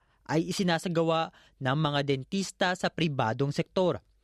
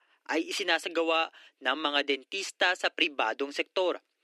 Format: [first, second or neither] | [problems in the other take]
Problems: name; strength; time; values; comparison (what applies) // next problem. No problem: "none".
first | thin; somewhat; fading below 300 Hz